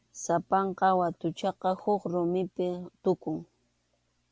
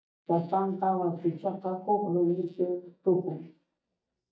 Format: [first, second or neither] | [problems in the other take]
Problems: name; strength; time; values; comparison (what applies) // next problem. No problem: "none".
first | noise reduction (neural mask model DeepFilterNet 3)